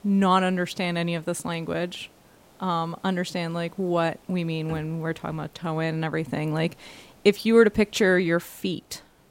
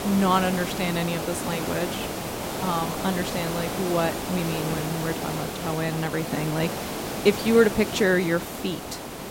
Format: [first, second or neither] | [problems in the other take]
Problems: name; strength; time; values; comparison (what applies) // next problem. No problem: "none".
first | hiss; loud; throughout; 5 dB below the speech; faint in the first